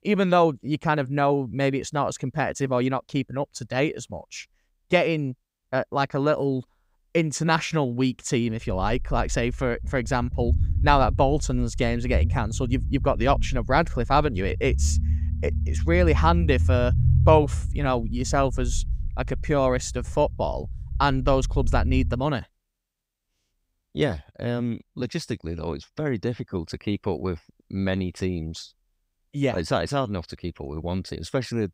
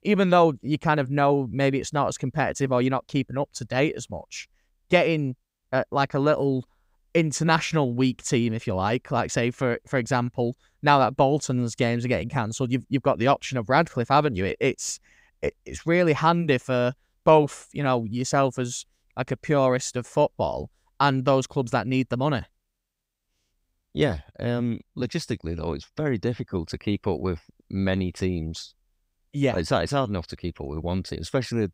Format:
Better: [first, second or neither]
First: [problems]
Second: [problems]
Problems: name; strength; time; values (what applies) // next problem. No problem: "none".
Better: second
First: low rumble; noticeable; from 8.5 to 22 s; 20 dB below the speech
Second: none